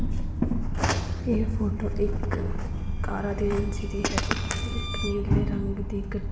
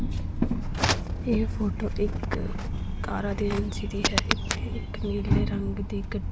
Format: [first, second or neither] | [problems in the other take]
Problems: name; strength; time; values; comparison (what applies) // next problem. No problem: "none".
second | background sound (Bowed string instrument); 18 dB below the speech // room echo; dies away in 1 s